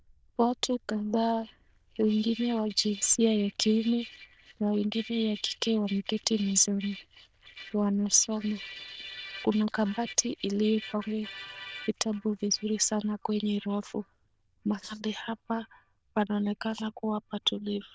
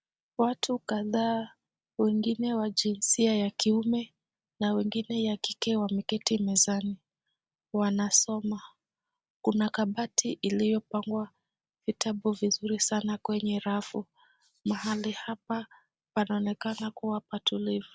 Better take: second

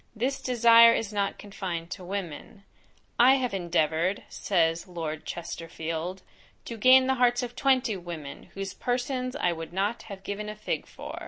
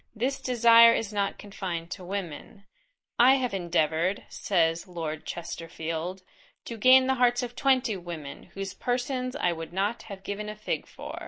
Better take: first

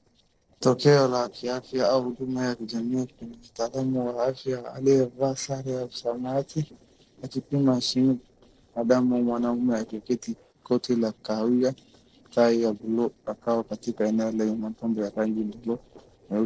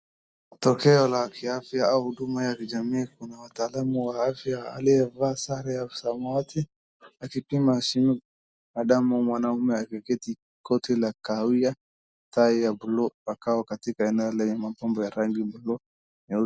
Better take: second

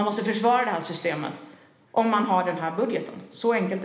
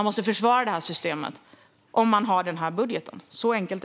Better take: second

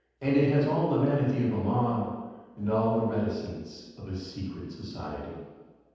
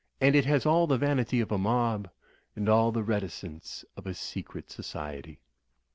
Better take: second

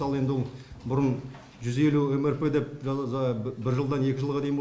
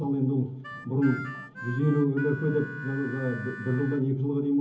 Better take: first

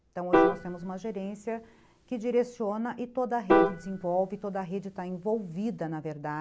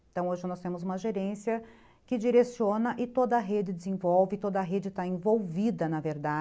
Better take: second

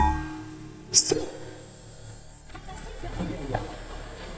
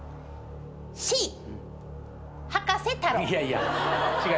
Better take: second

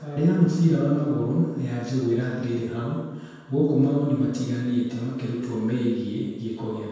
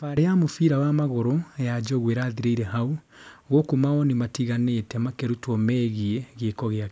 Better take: second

